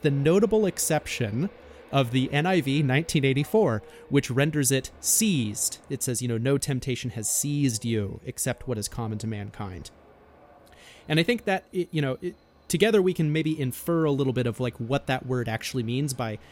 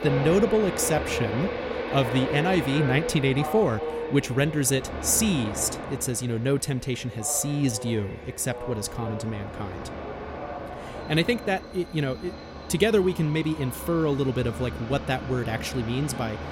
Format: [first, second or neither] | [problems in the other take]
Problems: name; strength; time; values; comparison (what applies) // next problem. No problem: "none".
first | train or aircraft noise; loud; throughout; 8 dB below the speech; faint in the first